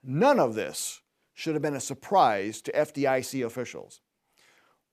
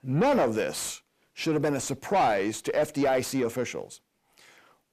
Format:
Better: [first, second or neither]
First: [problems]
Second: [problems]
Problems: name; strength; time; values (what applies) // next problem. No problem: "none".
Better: first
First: none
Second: distortion; heavy; 8 dB below the speech